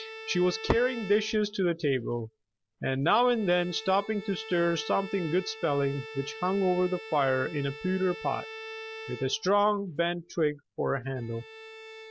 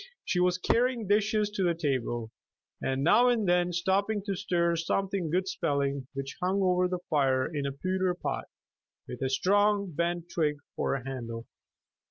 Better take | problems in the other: second | background sound (Bowed string instrument); 15 dB below the speech

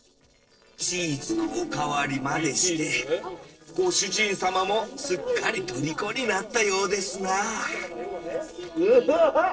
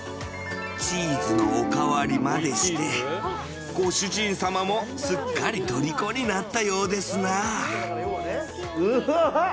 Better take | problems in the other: second | noise reduction (neural separator model SepFormer DNS4)

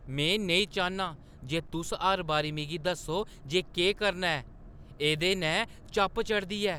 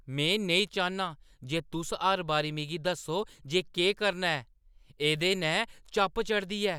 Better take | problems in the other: second | background sound (Boat, Water vehicle); 18 dB below the speech

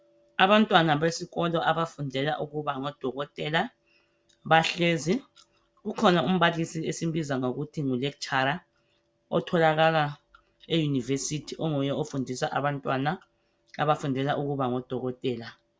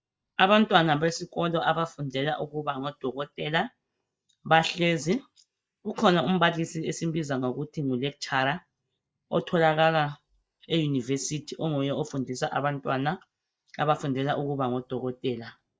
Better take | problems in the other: first | noise reduction (neural mask model Resemble Enhance denoiser)

